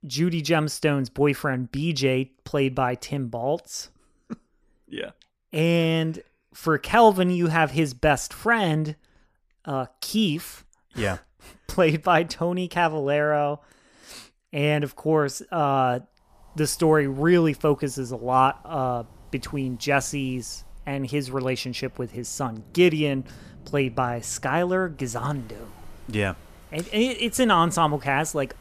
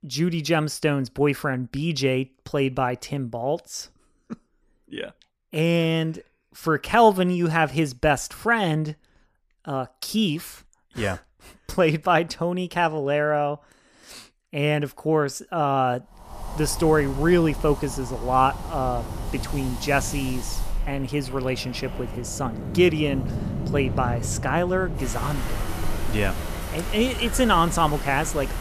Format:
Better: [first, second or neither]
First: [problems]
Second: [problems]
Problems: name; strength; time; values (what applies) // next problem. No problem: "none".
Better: first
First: wind in the background; faint; from 16 s on; 25 dB below the speech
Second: wind in the background; loud; from 16 s on; 9 dB below the speech